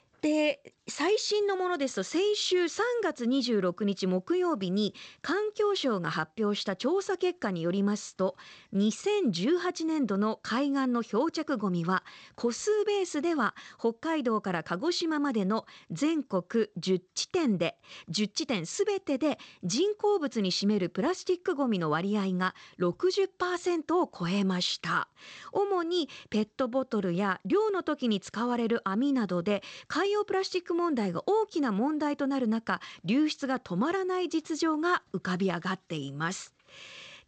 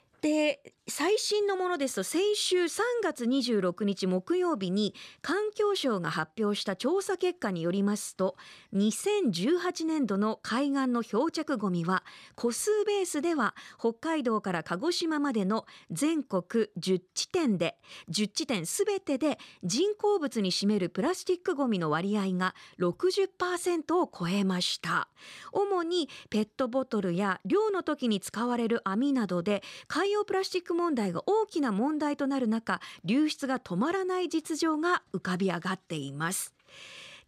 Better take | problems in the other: second | garbled, watery; slightly; nothing above 8 kHz

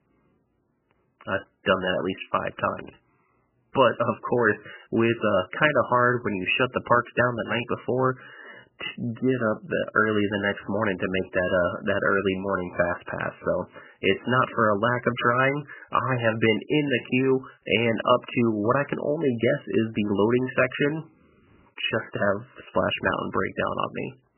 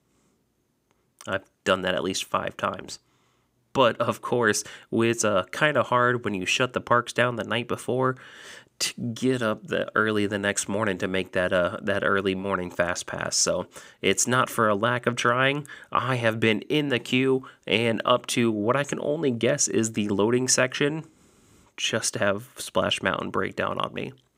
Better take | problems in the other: second | garbled, watery; badly; nothing above 3 kHz

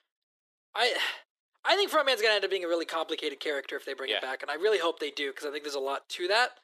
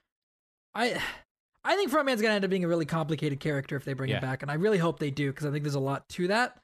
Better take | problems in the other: second | thin; very; fading below 350 Hz

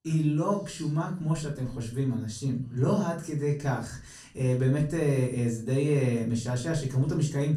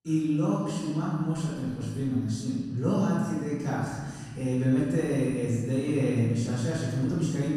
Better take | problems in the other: first | room echo; strong; dies away in 1.7 s; slight in the first // off-mic speech; far; far in the first

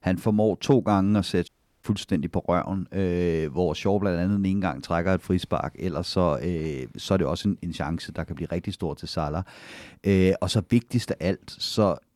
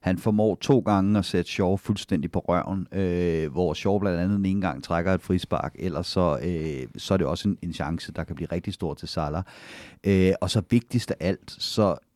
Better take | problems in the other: second | audio cutting out; at 1.5 s

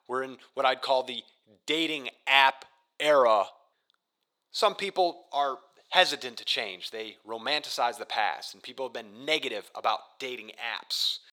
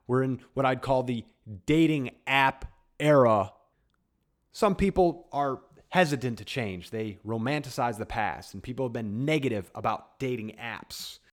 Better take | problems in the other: second | thin; very; fading below 650 Hz

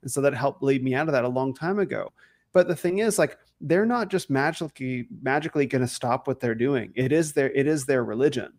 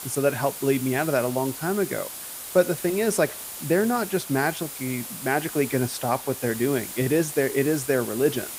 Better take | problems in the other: first | hiss; loud; throughout; 9 dB below the speech

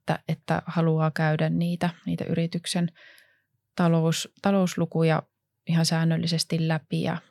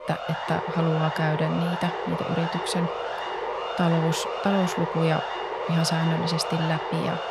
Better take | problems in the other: first | siren; noticeable; peak 3 dB below the speech

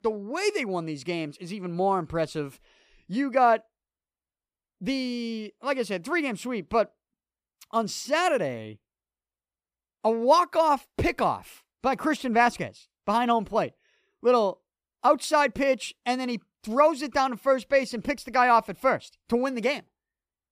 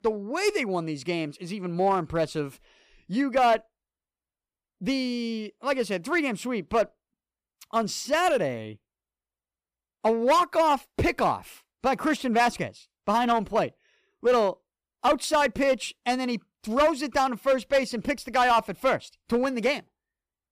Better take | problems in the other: first | distortion; slight; 4% of the sound clipped

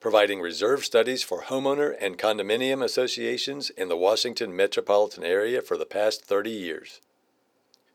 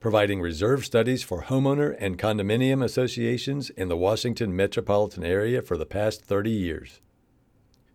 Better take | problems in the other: second | thin; somewhat; fading below 450 Hz

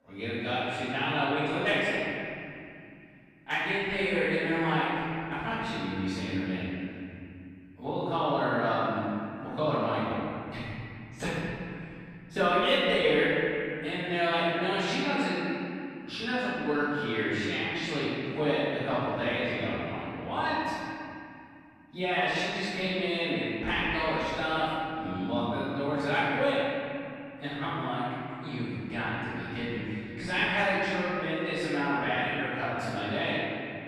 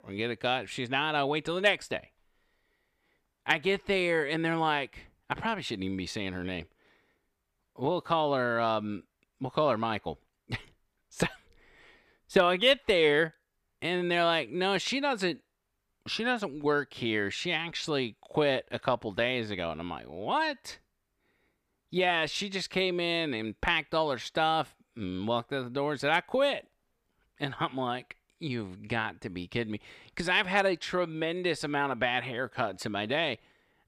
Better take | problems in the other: second | off-mic speech; far // room echo; strong; dies away in 2.9 s

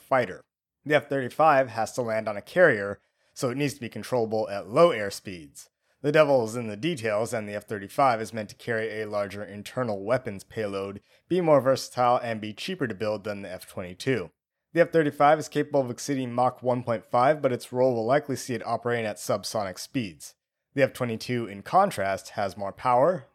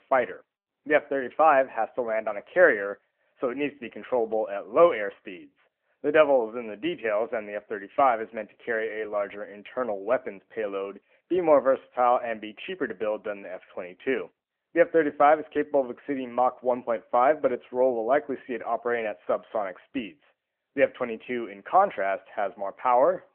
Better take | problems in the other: first | phone-call audio

